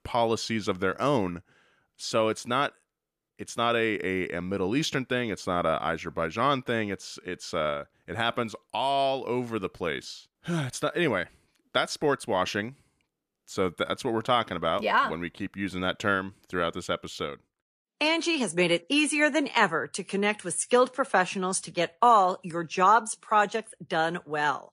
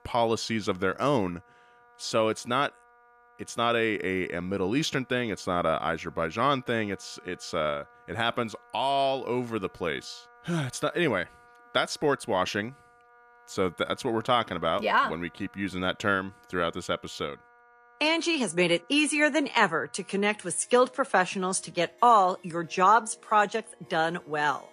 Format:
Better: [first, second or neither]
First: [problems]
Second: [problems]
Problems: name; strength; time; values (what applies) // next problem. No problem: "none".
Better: first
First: none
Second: background music; faint; throughout; 30 dB below the speech